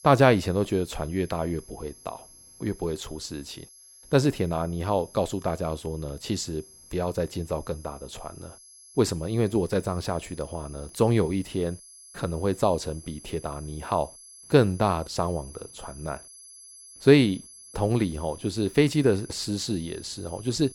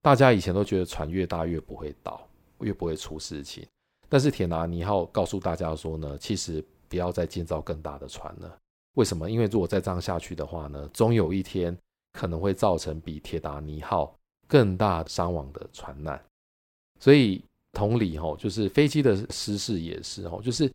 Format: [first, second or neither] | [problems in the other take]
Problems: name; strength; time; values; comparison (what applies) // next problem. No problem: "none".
second | high-pitched whine; noticeable; throughout; 11 kHz, 20 dB below the speech